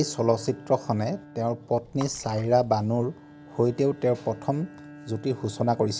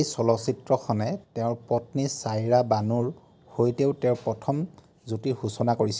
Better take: second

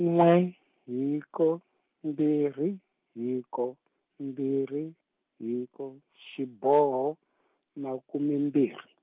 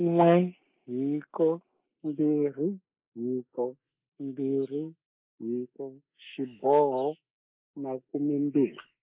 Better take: first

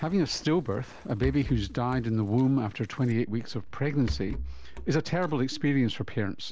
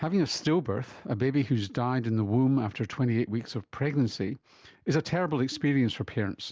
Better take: second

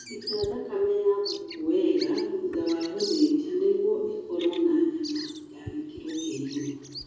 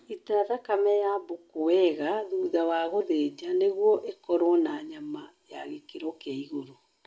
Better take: second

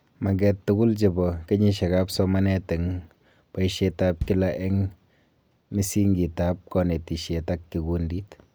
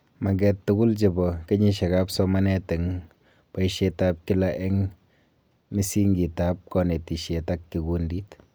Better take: second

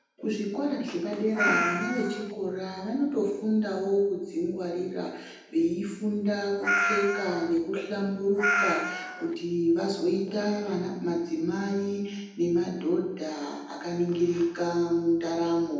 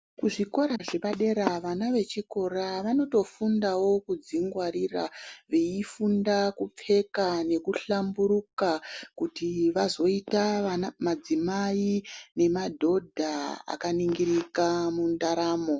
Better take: second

